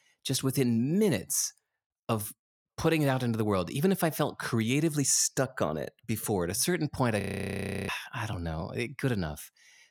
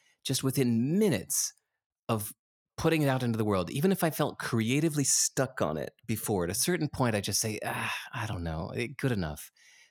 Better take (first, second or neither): second